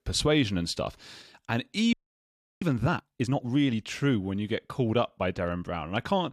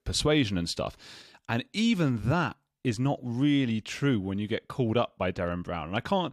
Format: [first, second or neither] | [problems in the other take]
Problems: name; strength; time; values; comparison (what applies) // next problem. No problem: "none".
second | audio freezing; at 2 s for 0.5 s